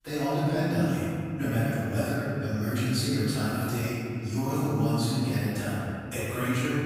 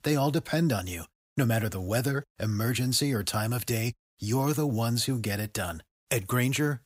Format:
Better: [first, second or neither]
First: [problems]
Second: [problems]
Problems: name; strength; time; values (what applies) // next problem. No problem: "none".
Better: second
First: off-mic speech; far // room echo; strong; dies away in 2.6 s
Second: none